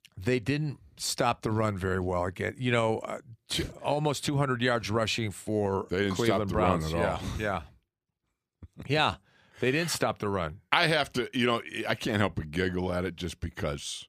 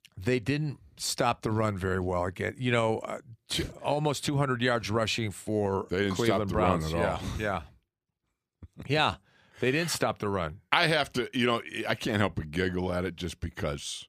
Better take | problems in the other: neither | none

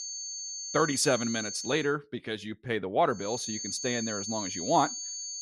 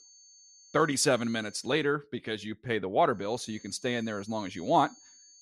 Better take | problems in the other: second | high-pitched whine; loud; until 2 s and from 3.5 s on; 6.5 kHz, 5 dB below the speech; faint in the second

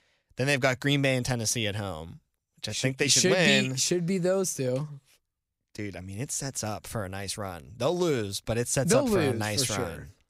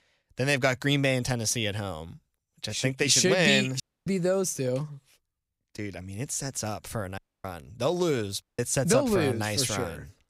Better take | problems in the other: first | audio cutting out; at 4 s, at 7 s and at 8.5 s

